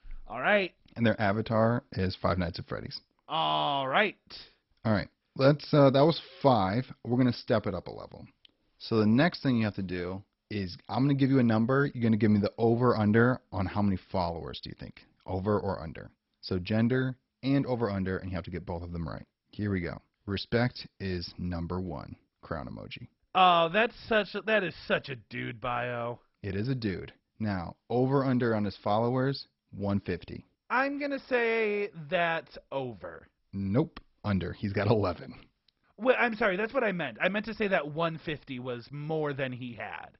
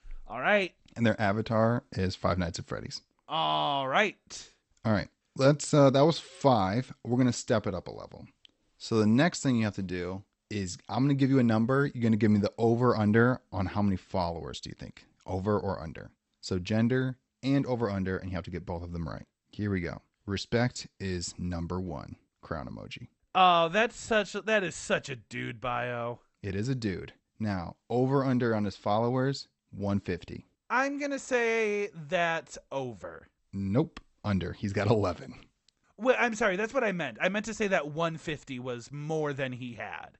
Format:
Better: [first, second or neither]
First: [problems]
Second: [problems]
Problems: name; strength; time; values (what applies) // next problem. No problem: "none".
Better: second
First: garbled, watery; badly; nothing above 5.5 kHz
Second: garbled, watery; slightly; nothing above 8 kHz